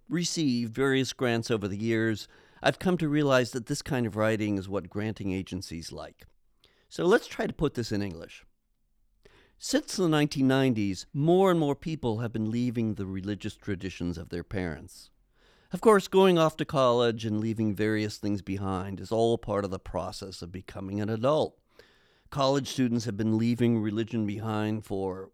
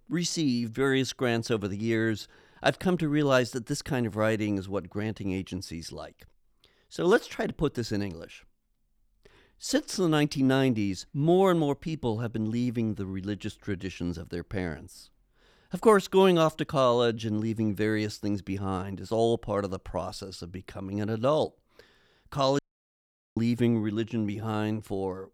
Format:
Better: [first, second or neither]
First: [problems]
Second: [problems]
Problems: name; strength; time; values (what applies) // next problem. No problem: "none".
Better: first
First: none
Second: audio cutting out; at 23 s for 1 s